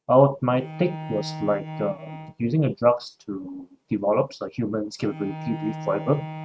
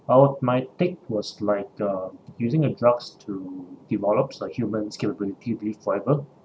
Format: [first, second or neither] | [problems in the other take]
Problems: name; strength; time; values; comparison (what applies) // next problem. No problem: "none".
second | noise reduction (neural mask model RNNoise)